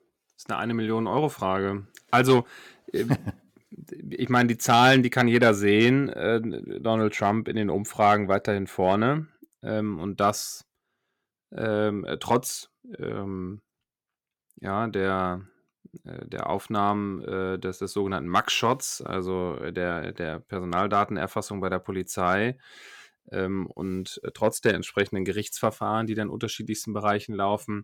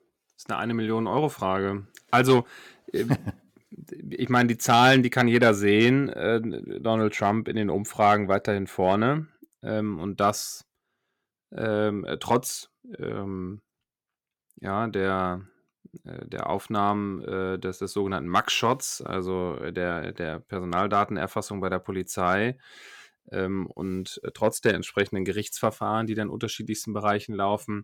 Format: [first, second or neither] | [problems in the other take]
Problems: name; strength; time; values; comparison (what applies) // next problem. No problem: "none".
neither | none